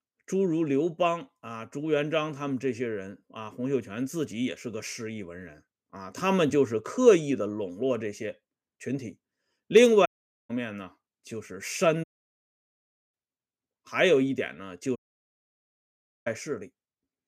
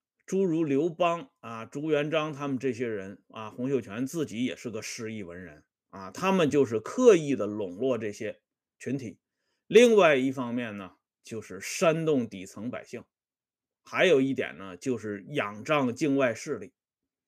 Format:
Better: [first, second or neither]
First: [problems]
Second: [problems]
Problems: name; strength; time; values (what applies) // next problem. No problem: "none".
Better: second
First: audio cutting out; at 10 s, at 12 s for 1 s and at 15 s for 1.5 s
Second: none